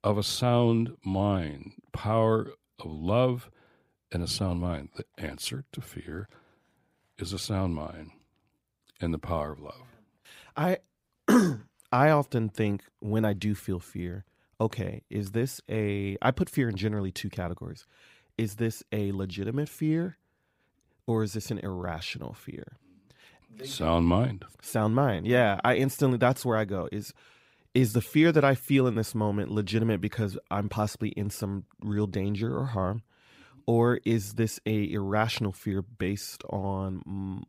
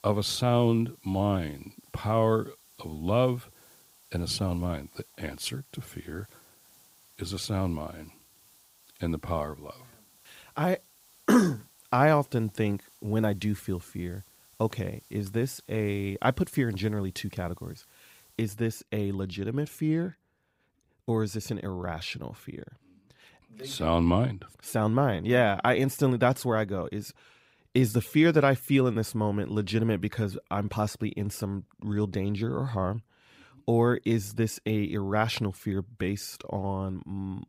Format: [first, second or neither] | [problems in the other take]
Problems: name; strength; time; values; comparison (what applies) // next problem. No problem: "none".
first | hiss; faint; until 18 s; 25 dB below the speech